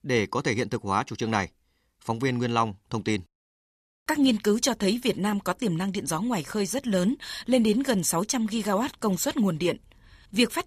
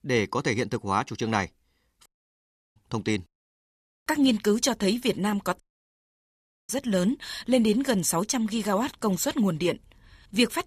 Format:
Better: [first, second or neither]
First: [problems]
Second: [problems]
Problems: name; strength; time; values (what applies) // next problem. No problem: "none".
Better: first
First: none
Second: audio cutting out; at 2 s for 0.5 s and at 5.5 s for 1 s